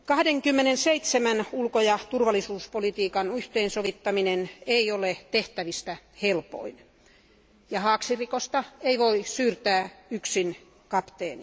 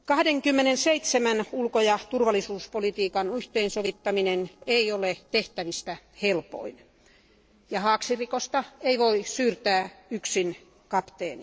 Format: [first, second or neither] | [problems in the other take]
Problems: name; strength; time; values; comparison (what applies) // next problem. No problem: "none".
first | noise reduction (neural separator model SepFormer DNS4)